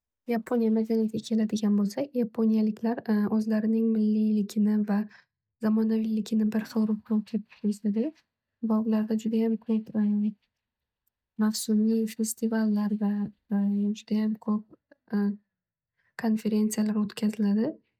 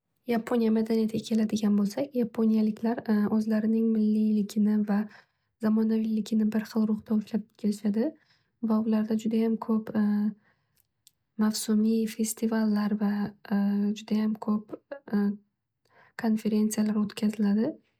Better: second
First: noise reduction (neural mask model DeepFilterNet 3)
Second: none

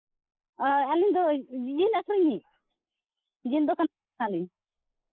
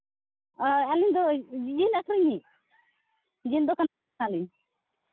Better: second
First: noise reduction (neural mask model Resemble Enhance denoiser)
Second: none

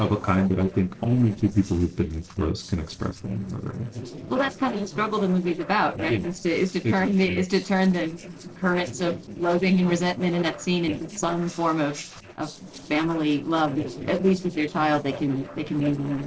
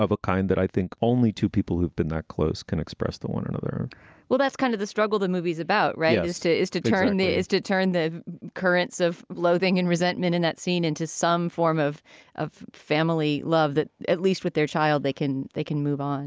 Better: second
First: noise reduction (neural separator model SepFormer DNS4)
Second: none

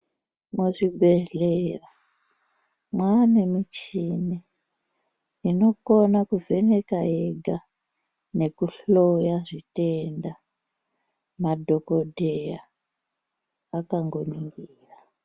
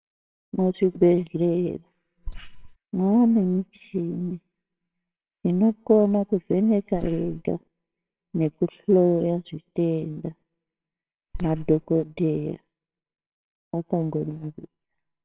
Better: first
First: none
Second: noise reduction (neural separator model SepFormer WHAMR!)

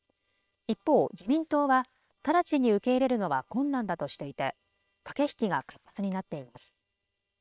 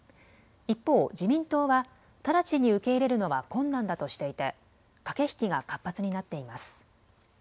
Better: second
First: noise reduction (neural separator model SepFormer WHAM!)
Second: none

